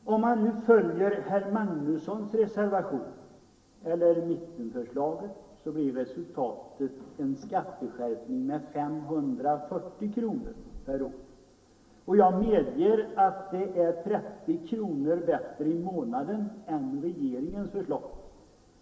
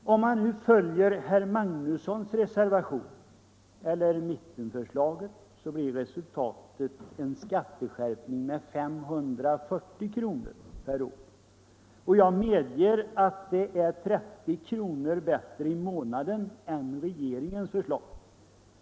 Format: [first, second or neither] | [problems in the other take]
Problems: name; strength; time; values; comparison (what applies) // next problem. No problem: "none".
second | room echo; dies away in 1 s